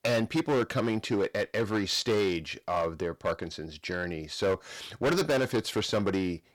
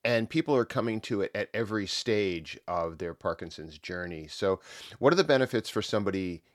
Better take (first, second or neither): second